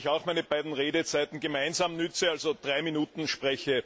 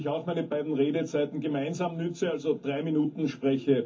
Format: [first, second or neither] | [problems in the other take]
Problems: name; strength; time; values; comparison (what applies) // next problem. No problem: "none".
first | room echo; dies away in 0.3 s